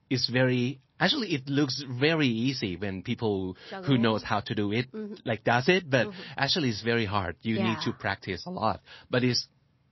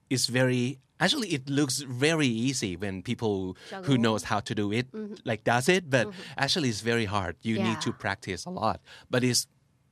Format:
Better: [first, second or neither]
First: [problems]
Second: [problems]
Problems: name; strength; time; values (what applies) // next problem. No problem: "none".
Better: second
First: garbled, watery; slightly; nothing above 5.5 kHz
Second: none